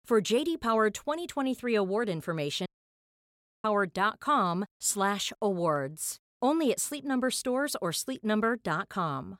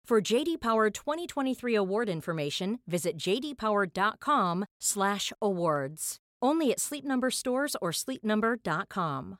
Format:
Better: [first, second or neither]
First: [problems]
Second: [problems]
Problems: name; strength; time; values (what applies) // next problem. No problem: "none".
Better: second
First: audio cutting out; at 2.5 s for 1 s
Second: none